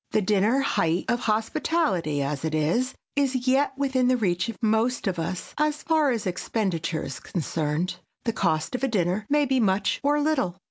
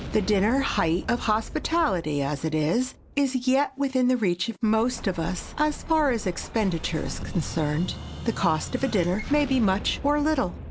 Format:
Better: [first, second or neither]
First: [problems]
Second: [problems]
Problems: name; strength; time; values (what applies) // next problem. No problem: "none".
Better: first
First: none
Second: background sound (Explosion); 12 dB below the speech